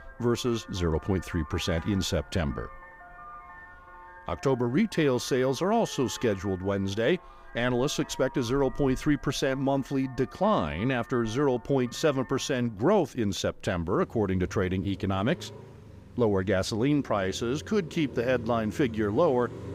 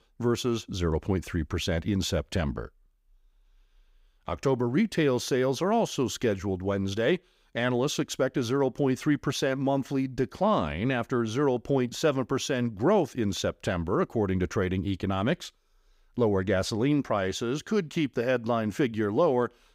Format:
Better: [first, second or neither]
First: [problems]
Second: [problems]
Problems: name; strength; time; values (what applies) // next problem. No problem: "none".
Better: second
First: traffic noise; noticeable; throughout; 20 dB below the speech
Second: none